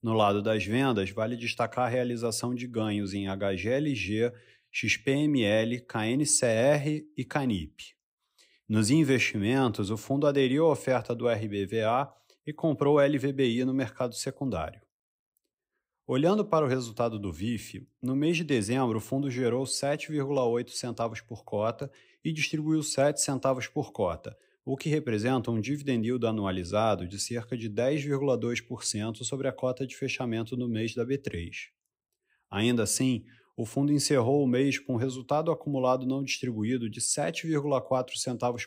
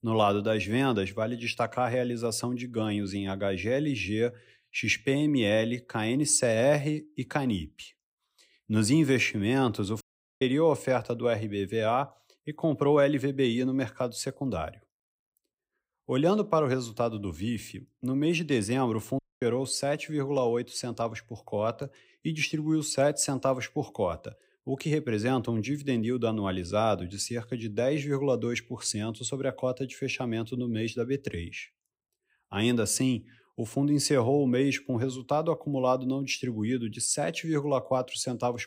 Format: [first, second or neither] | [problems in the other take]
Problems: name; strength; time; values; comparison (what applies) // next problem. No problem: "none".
first | audio cutting out; at 10 s and at 19 s